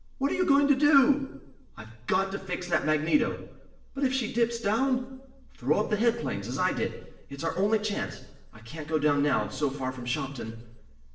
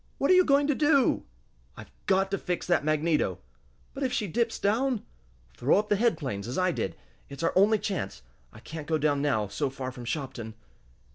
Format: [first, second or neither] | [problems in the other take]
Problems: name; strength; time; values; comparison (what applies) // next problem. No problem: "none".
second | room echo; dies away in 0.8 s